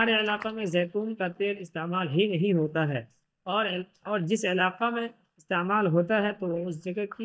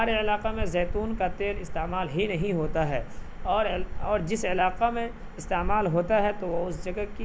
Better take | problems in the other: second | noise reduction (neural mask model DeepFilterNet 3)

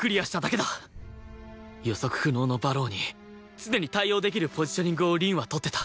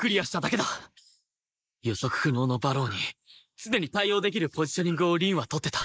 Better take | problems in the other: first | noise reduction (neural mask model Resemble Enhance denoiser)

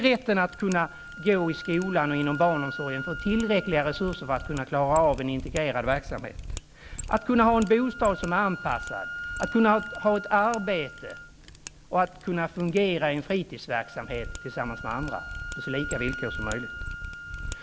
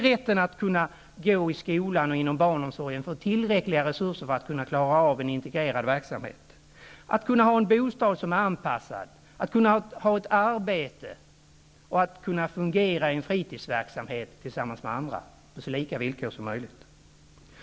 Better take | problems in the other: second | background sound (Wind instrument, woodwind instrument + Mechanisms); 11 dB below the speech

